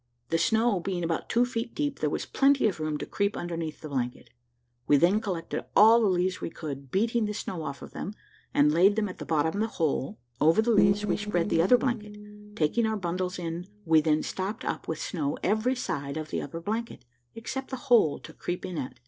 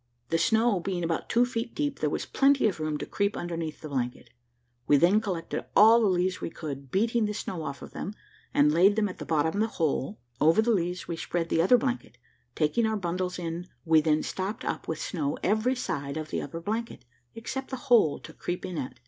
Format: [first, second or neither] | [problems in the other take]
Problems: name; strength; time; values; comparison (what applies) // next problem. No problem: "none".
second | noise reduction (neural separator model SepFormer DNS4)